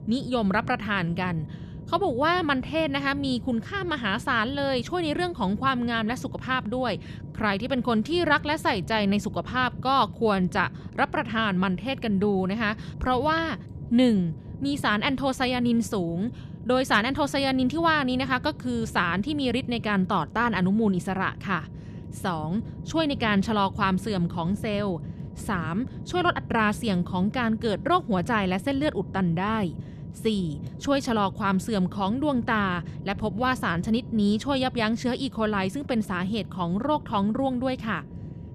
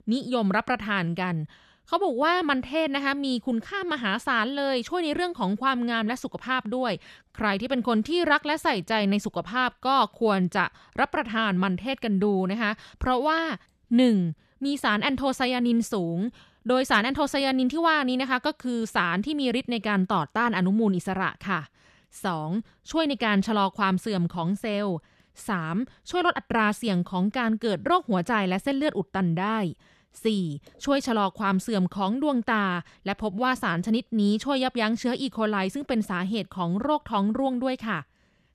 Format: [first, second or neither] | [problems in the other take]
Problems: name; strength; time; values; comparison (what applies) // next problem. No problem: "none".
second | low rumble; faint; throughout; 20 dB below the speech